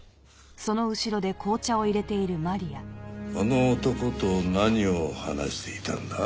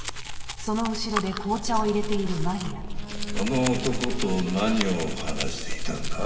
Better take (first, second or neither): first